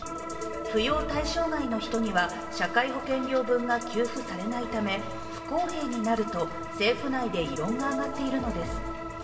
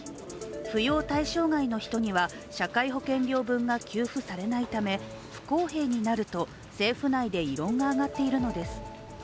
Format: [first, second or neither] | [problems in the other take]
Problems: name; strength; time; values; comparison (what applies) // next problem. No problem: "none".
second | background sound (Organ); 8 dB below the speech // room echo; dies away in 1.2 s